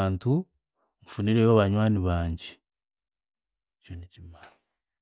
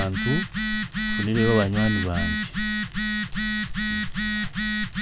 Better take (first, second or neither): first